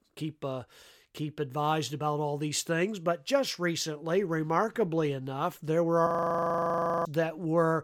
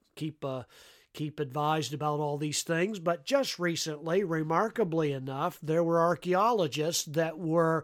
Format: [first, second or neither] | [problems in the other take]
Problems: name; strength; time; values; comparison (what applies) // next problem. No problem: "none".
second | audio freezing; at 6 s for 1 s